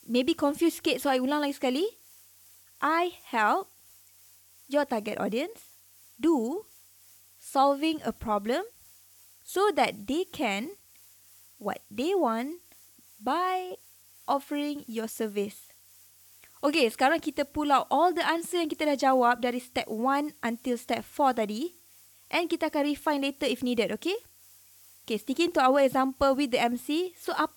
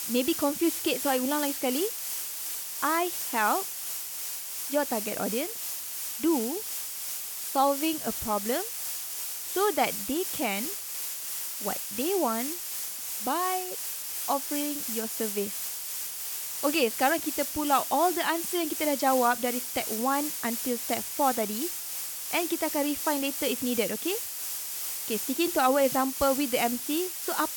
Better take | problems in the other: first | hiss; loud; throughout; 2 dB below the speech; faint in the first

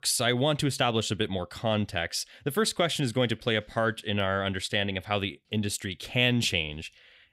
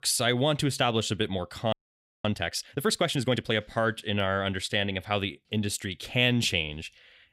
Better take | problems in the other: first | audio freezing; at 1.5 s for 0.5 s

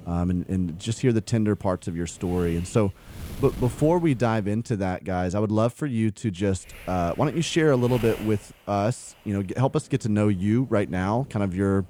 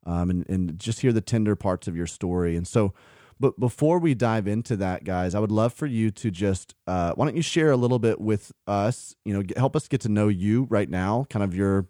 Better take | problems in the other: second | wind noise on the microphone; occasional gusts; until 4.5 s and from 6.5 s on; 20 dB below the speech

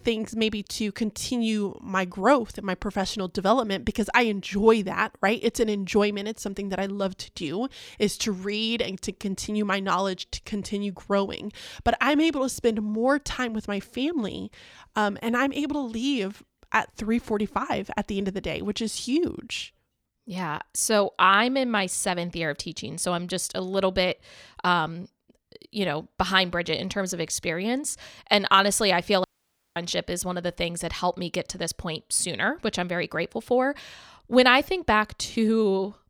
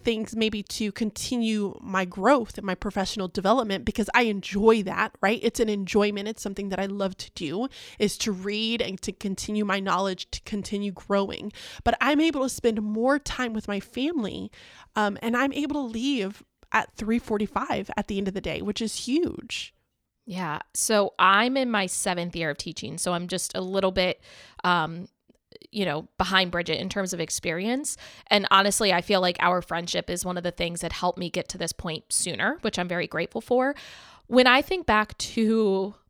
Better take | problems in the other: second | audio cutting out; at 29 s for 0.5 s

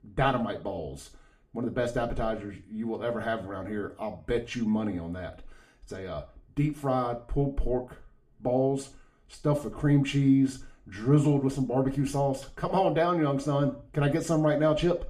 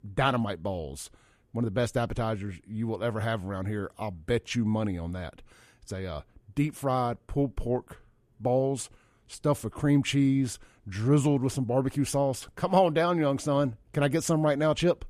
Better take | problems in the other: second | room echo; very slight; dies away in 0.3 s // off-mic speech; far

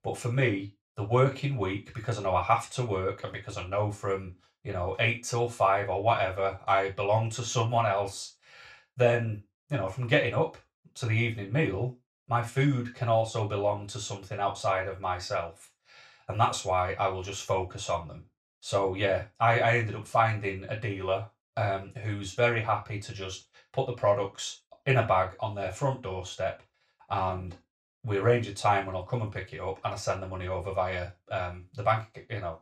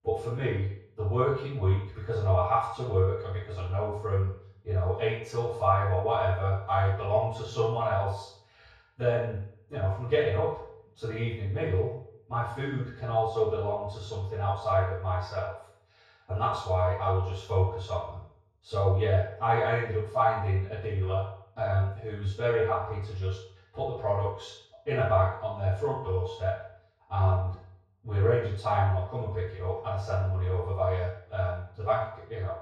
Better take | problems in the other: first | room echo; strong; dies away in 0.7 s; slight in the first // off-mic speech; far; far in the first

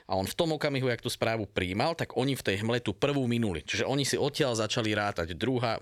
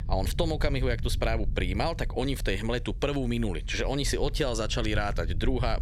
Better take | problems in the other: first | low rumble; faint; throughout; 20 dB below the speech

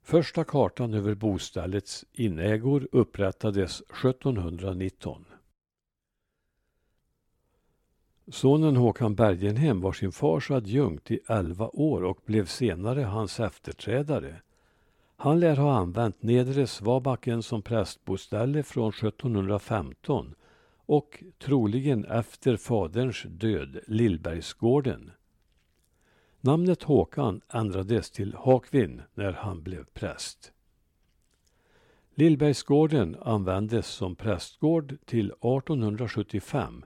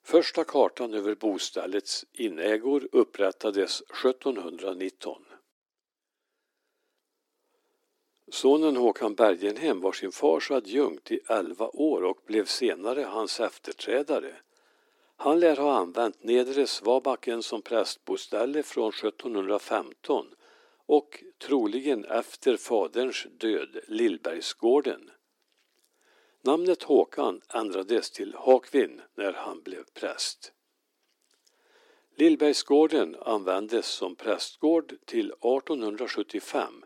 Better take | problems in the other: first | thin; somewhat; fading below 300 Hz

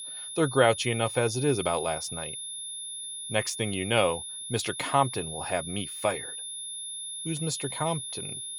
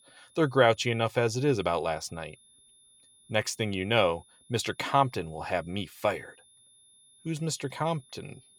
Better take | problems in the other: second | high-pitched whine; loud; throughout; 10.5 kHz, 6 dB below the speech; faint in the second

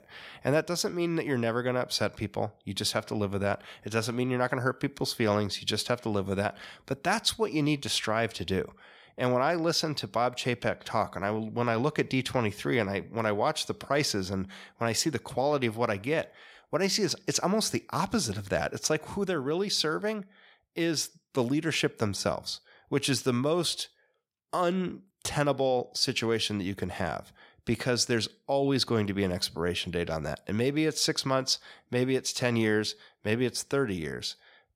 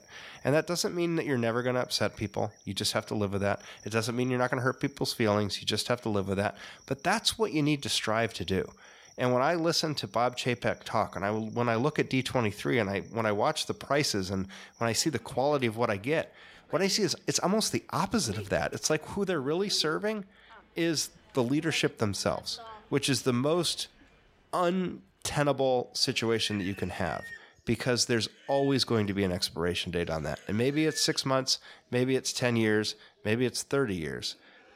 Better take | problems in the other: first | animal sounds; faint; throughout; 25 dB below the speech

